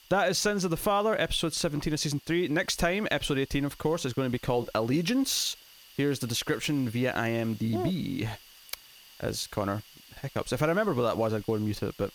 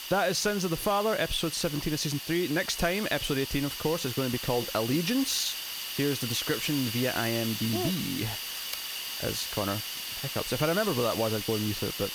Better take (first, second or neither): first